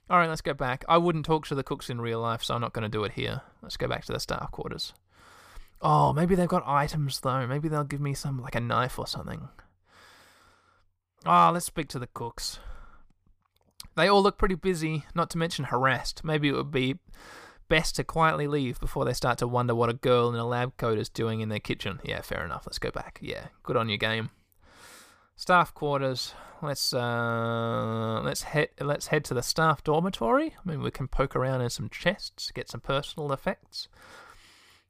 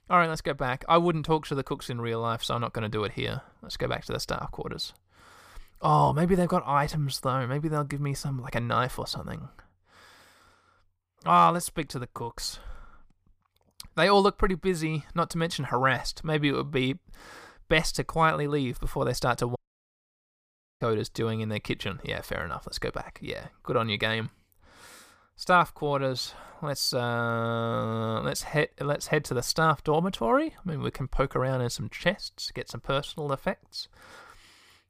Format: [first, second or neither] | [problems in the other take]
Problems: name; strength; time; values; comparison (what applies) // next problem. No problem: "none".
first | audio cutting out; at 20 s for 1 s